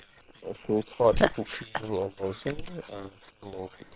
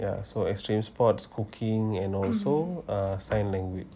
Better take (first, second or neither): second